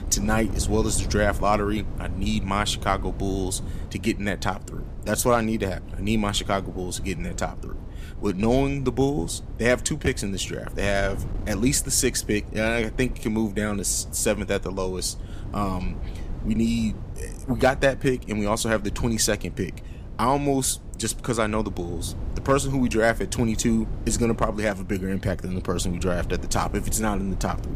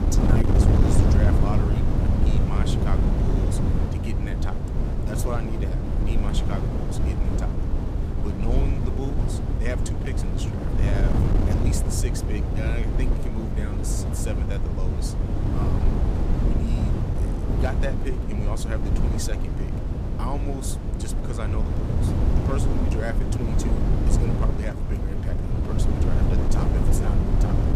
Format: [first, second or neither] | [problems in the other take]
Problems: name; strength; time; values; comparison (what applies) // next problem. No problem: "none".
first | wind noise on the microphone; heavy; 3 dB above the speech; occasional gusts in the first